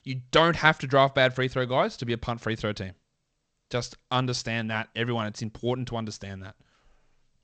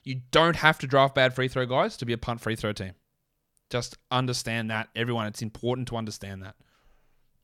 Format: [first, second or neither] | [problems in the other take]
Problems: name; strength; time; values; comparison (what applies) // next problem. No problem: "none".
second | garbled, watery; slightly; nothing above 8 kHz